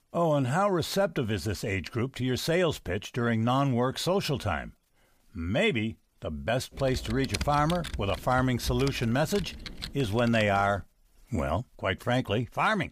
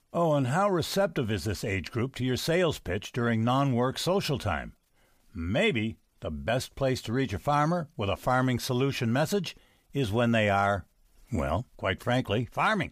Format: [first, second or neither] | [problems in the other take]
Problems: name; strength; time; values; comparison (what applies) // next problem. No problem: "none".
second | keyboard typing; noticeable; from 7 to 11 s; peak 6 dB below the speech